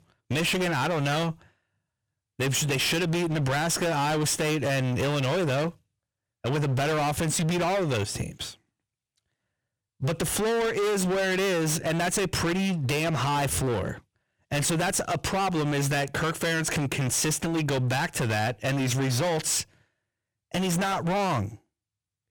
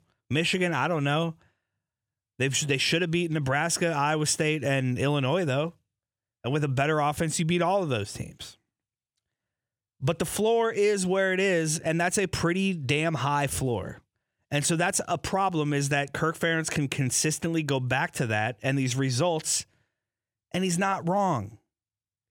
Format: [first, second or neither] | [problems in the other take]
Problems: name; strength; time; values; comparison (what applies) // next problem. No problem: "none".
second | distortion; heavy; 33% of the sound clipped